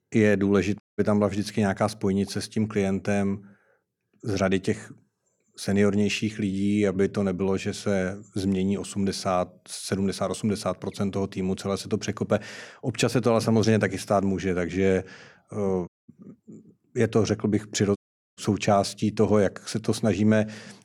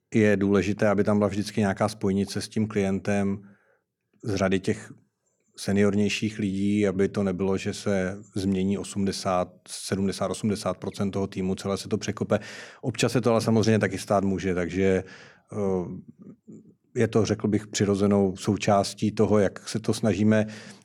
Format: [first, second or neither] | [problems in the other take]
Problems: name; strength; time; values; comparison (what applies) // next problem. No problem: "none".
second | audio cutting out; at 1 s, at 16 s and at 18 s